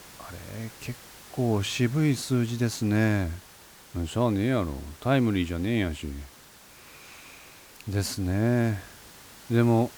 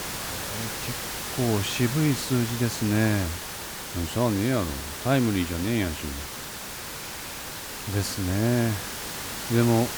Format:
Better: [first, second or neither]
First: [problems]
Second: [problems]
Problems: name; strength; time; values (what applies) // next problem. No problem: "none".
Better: first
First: hiss; faint; throughout; 20 dB below the speech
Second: hiss; loud; throughout; 6 dB below the speech